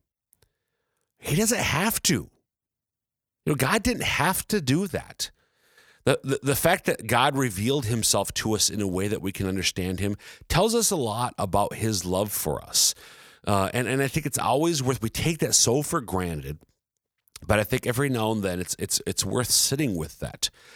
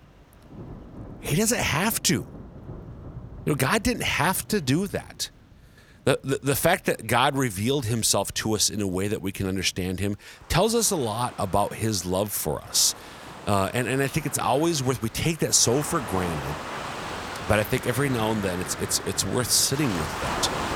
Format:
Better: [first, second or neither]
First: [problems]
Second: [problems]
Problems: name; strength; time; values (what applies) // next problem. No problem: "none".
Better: first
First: none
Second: rain or running water; noticeable; throughout; 10 dB below the speech